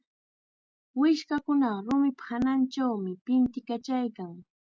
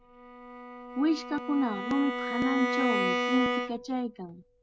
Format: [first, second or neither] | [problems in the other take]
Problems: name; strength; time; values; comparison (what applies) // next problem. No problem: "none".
first | background sound (Bowed string instrument); 2 dB below the speech